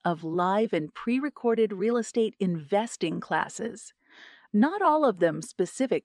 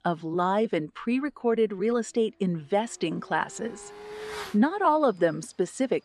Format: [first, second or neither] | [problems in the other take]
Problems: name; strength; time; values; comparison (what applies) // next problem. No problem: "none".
first | traffic noise; noticeable; throughout; 15 dB below the speech